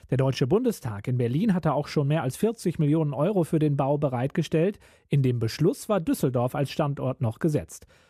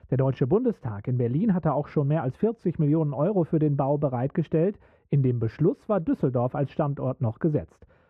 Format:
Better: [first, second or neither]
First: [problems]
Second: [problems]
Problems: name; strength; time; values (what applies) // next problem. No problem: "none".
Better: first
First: none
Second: muffled; very; fading above 3.5 kHz